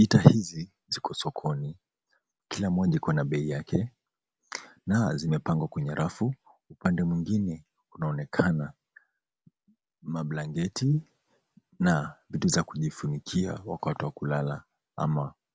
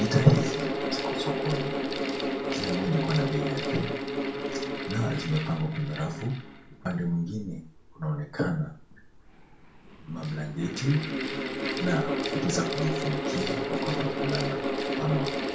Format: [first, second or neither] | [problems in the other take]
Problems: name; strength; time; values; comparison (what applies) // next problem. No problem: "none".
first | background sound (Mechanical fan); 1 dB below the speech // room echo; dies away in 0.3 s